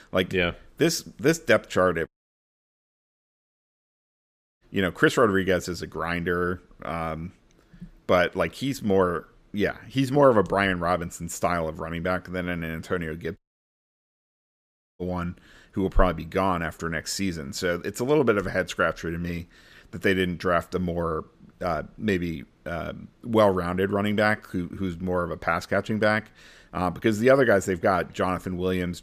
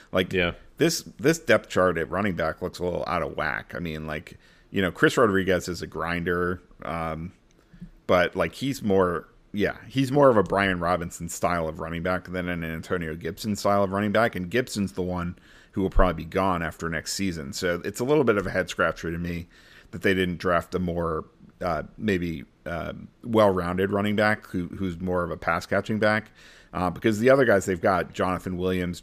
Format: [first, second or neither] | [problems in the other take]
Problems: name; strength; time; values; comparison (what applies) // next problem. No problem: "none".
second | audio cutting out; at 2 s for 2.5 s and at 13 s for 1.5 s